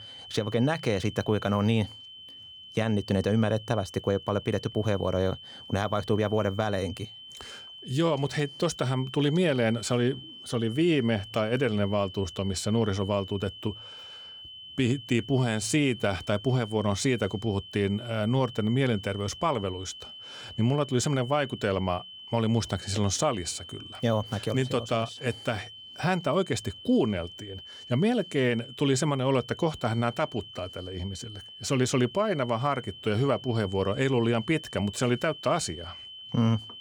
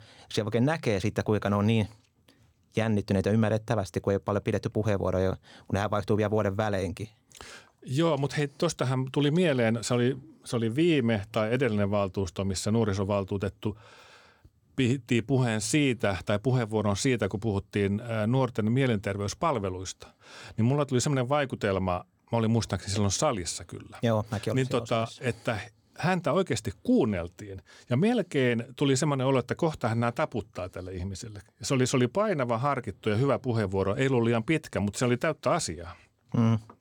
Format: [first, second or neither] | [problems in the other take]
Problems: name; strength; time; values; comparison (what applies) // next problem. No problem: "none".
second | high-pitched whine; noticeable; throughout; 3 kHz, 15 dB below the speech